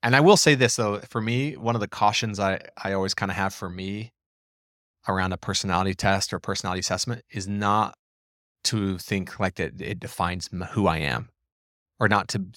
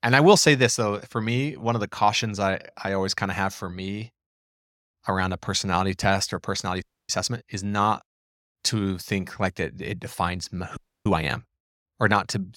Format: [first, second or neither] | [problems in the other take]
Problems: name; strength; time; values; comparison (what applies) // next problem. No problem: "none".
first | audio freezing; at 7 s and at 11 s